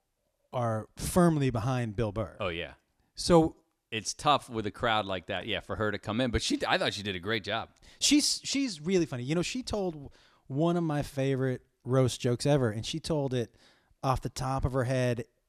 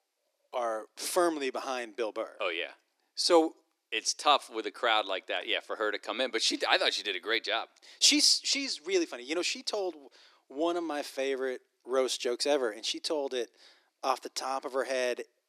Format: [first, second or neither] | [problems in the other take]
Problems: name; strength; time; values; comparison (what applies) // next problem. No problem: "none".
first | thin; somewhat; fading below 300 Hz